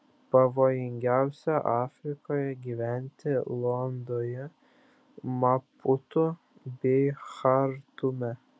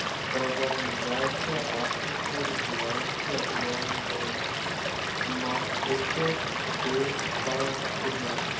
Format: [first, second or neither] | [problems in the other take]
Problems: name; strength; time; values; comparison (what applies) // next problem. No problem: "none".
first | background sound (Stream / Liquid); 4 dB above the speech // room echo; dies away in 0.6 s